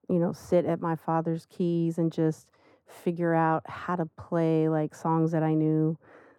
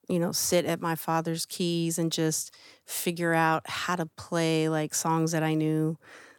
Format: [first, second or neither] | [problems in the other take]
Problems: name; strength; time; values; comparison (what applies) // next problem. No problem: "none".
second | muffled; very; fading above 2 kHz